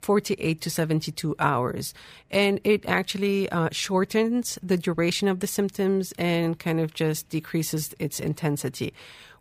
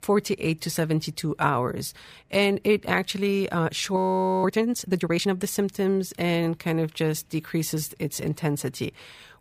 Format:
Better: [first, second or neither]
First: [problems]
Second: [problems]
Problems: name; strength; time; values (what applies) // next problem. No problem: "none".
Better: first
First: none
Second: audio freezing; at 4 s